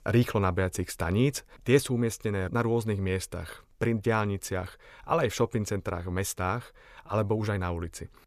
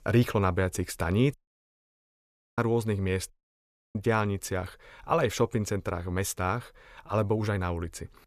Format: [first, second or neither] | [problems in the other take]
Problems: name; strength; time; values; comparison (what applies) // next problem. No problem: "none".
first | audio cutting out; at 1.5 s for 1 s and at 3.5 s for 0.5 s